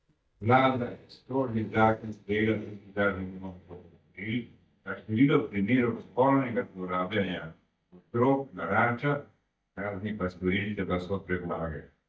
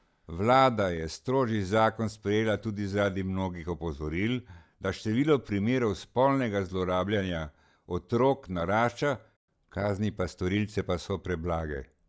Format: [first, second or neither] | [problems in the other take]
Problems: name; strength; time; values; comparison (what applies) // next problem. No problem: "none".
second | noise reduction (neural mask model DeepFilterNet 3)